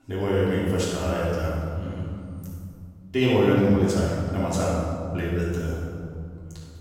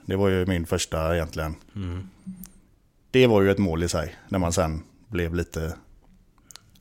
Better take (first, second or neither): second